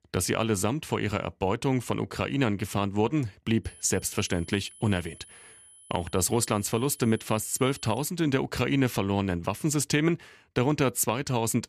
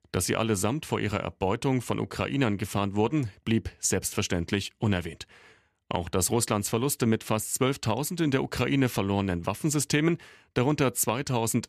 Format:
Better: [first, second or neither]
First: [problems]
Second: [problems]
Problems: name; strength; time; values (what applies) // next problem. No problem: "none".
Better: second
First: high-pitched whine; faint; from 3.5 to 8 s; 10 kHz, 20 dB below the speech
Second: none